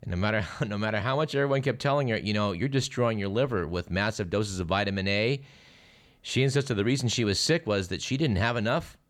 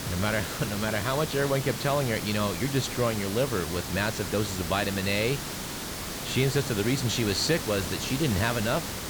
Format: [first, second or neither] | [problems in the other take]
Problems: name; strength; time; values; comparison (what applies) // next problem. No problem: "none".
first | hiss; loud; throughout; 5 dB below the speech